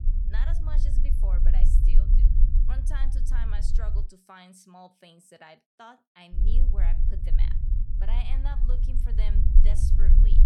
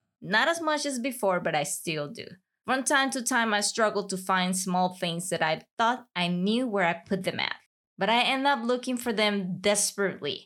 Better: second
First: low rumble; loud; until 4 s and from 6.5 s on; 2 dB below the speech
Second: none

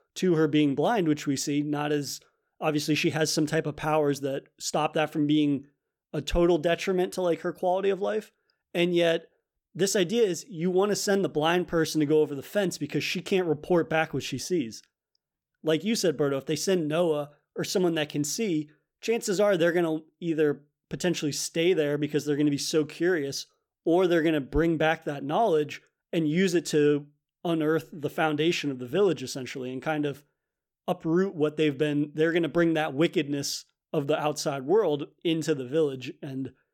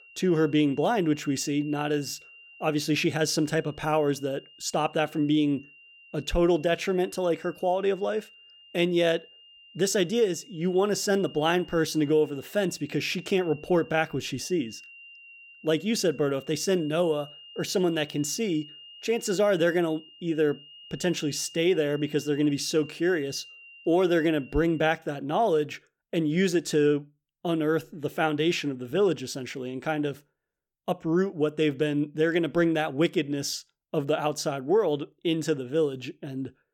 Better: first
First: none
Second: high-pitched whine; faint; until 25 s; 3 kHz, 20 dB below the speech

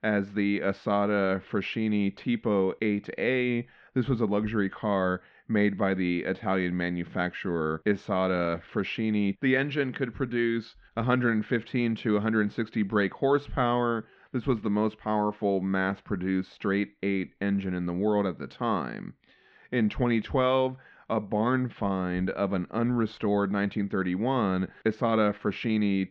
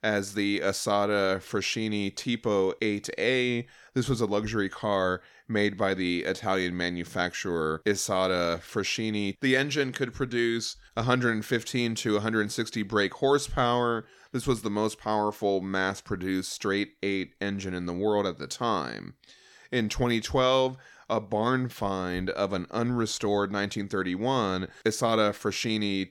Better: second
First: muffled; very; fading above 3 kHz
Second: none

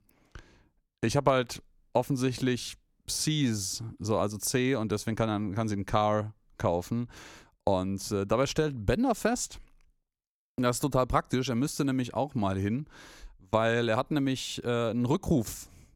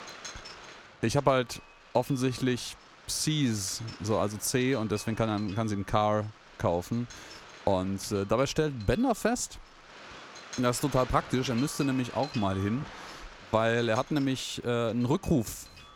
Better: first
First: none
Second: wind noise on the microphone; occasional gusts; 15 dB below the speech

